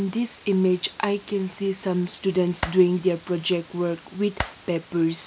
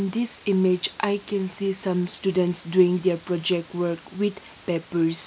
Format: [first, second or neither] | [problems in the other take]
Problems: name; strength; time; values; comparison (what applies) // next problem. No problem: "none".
second | background sound (Clapping); 7 dB below the speech